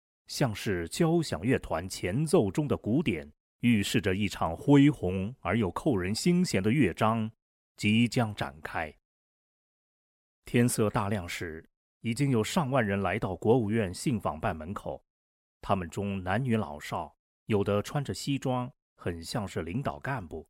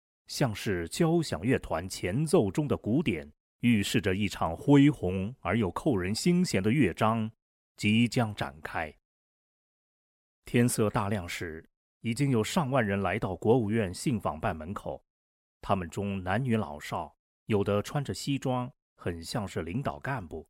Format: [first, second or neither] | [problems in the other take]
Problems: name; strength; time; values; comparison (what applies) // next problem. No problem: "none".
neither | none